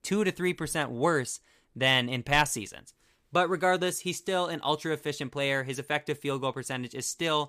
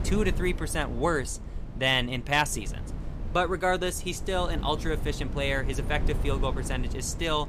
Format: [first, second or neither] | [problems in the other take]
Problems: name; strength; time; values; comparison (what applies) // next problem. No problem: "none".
first | wind noise on the microphone; occasional gusts; 15 dB below the speech